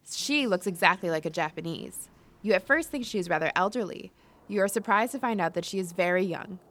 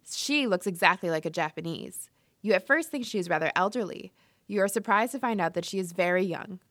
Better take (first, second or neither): second